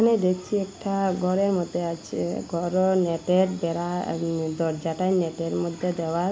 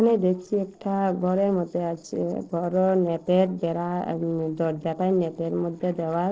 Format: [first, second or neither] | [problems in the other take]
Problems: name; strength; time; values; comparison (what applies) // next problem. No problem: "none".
first | noise reduction (neural separator model SepFormer DNS4)